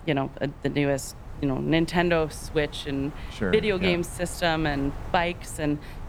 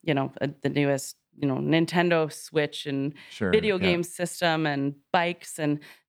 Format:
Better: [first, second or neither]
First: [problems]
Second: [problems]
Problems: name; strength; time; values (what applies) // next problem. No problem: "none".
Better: second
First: wind noise on the microphone; occasional gusts; 20 dB below the speech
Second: none